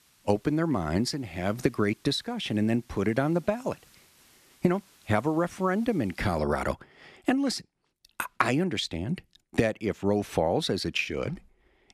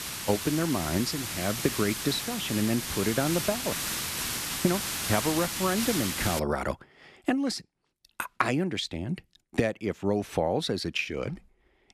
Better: first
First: hiss; faint; until 6.5 s; 30 dB below the speech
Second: hiss; loud; until 6.5 s; 1 dB below the speech

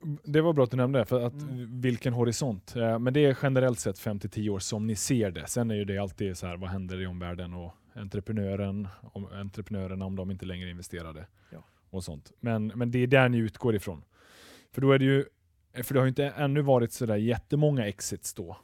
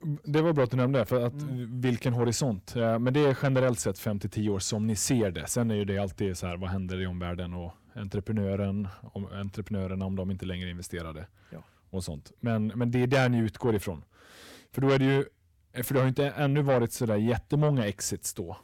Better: first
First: none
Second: distortion; slight; 10 dB below the speech

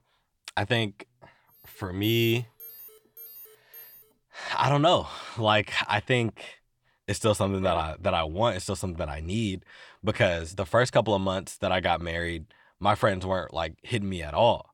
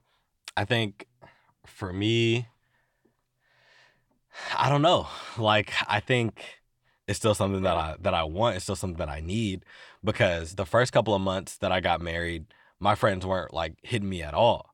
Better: second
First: alarm; faint; from 1.5 to 4 s; peak 15 dB below the speech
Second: none

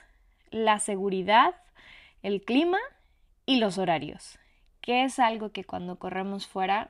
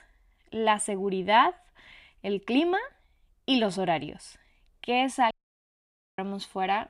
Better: first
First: none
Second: audio cutting out; at 5.5 s for 1 s

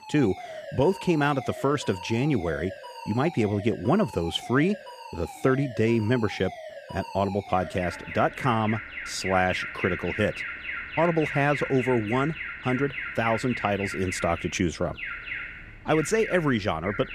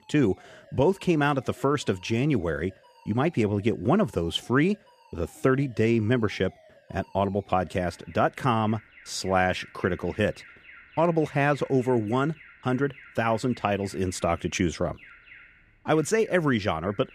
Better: second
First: alarms or sirens; loud; throughout; 9 dB below the speech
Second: alarms or sirens; faint; throughout; 25 dB below the speech

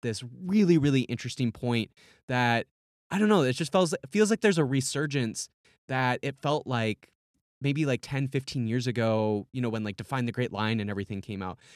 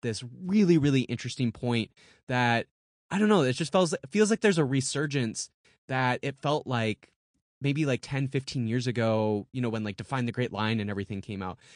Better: first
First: none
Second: garbled, watery; slightly; nothing above 8.5 kHz

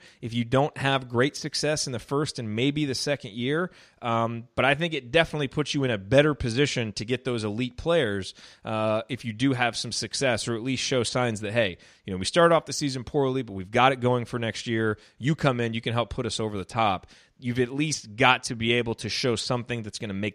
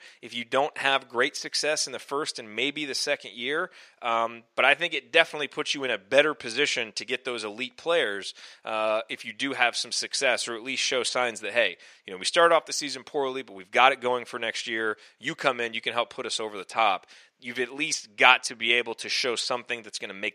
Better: first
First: none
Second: thin; somewhat; fading below 500 Hz

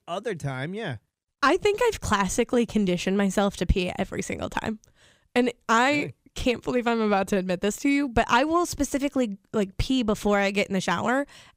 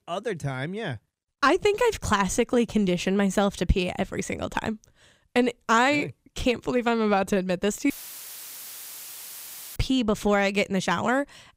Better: first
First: none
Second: audio cutting out; filled with static; at 8 s for 2 s

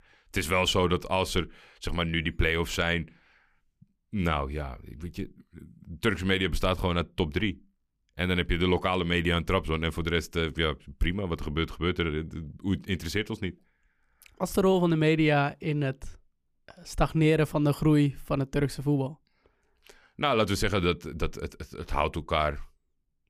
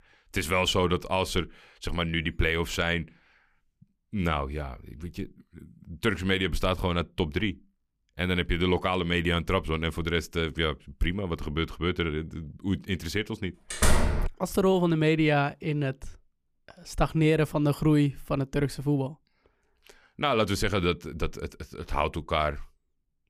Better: first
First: none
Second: door banging; loud; at 14 s; peak 3 dB above the speech

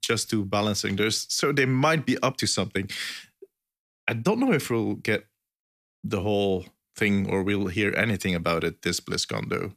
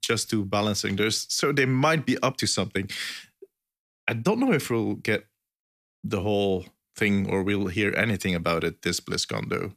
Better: neither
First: none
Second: none

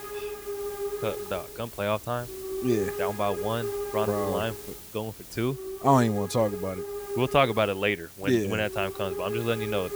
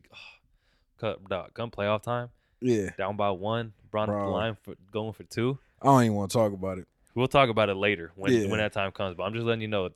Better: second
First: hiss; loud; throughout; 7 dB below the speech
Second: none

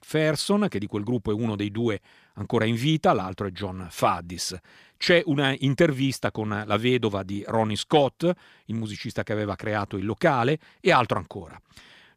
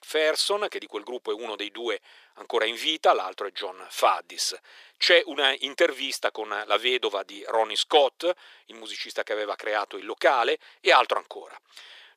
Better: first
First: none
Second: thin; very; fading below 400 Hz

